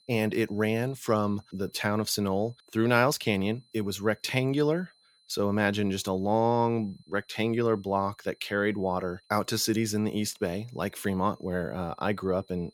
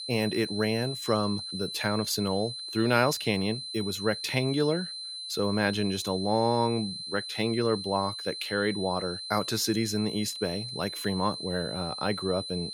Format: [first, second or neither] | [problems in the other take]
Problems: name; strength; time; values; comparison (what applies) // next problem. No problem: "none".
first | high-pitched whine; loud; throughout; 4 kHz, 6 dB below the speech; faint in the first